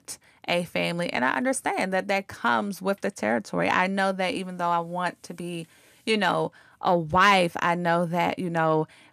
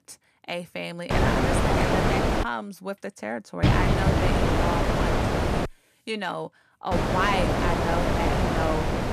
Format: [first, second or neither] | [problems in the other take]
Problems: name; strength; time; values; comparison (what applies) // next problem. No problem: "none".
first | wind noise on the microphone; heavy; from 1 to 2.5 s, from 3.5 to 5.5 s and from 7 s on; 4 dB above the speech